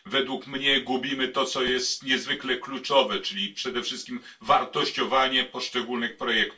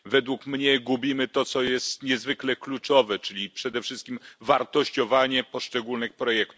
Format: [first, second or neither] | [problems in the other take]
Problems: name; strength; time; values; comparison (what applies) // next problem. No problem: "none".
second | room echo; dies away in 0.2 s